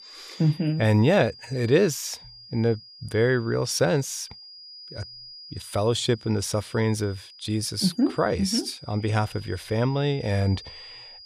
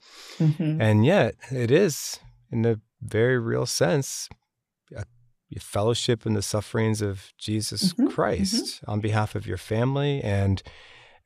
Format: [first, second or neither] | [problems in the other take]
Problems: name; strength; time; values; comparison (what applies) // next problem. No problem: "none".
second | high-pitched whine; noticeable; throughout; 5 kHz, 20 dB below the speech